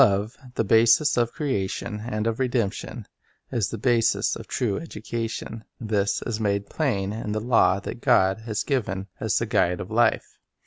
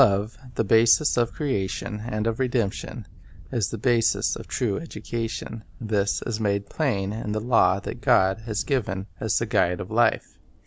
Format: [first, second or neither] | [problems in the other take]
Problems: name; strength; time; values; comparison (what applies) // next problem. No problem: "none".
first | background sound (Camera); 19 dB below the speech